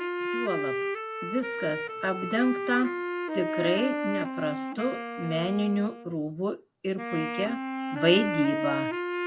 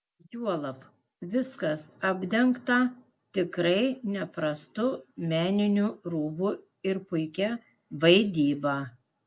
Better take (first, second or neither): second